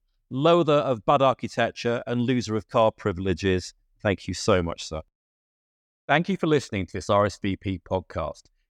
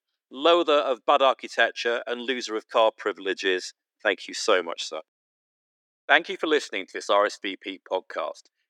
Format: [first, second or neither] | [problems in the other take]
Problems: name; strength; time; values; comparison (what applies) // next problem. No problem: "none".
first | thin; somewhat; fading below 300 Hz